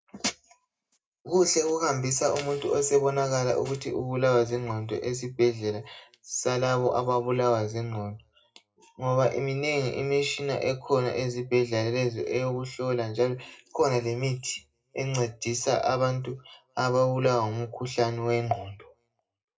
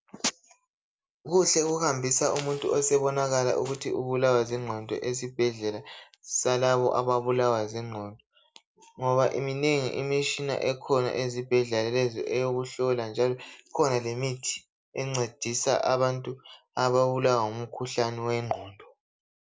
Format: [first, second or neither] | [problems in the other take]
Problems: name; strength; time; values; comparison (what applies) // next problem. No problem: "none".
second | room echo; dies away in 0.2 s